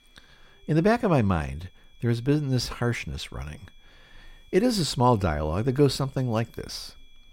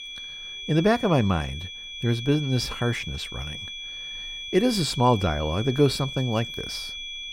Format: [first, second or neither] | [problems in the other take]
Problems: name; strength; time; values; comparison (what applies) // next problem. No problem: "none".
first | high-pitched whine; loud; throughout; 3.5 kHz, 9 dB below the speech; faint in the first